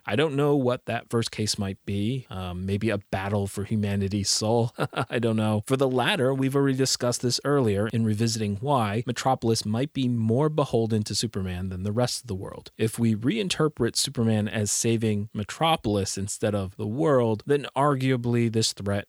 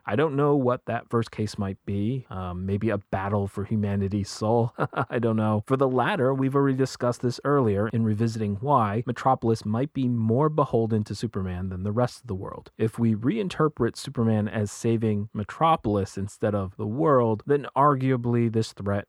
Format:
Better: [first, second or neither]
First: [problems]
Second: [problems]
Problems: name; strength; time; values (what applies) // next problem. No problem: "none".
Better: first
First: none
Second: muffled; very; fading above 2.5 kHz